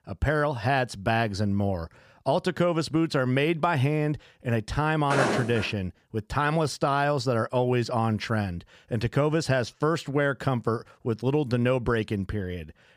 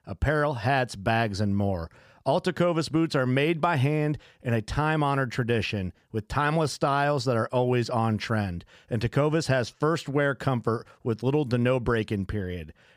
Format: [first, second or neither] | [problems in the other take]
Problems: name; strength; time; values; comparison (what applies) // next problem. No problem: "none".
second | footsteps; loud; at 5 s; peak 1 dB above the speech